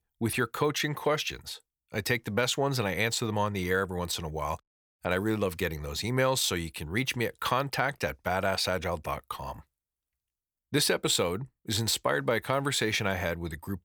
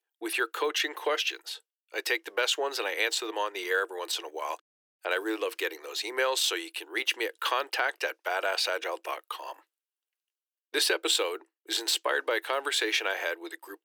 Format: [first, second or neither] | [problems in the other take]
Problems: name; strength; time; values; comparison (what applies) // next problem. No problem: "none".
first | thin; very; fading below 300 Hz